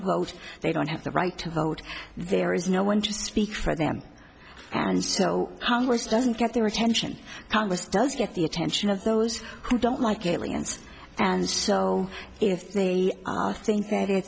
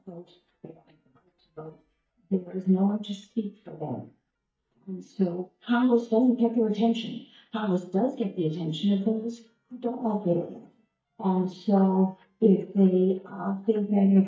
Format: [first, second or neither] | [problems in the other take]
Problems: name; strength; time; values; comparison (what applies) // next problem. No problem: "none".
first | noise reduction (neural mask model DeepFilterNet 3)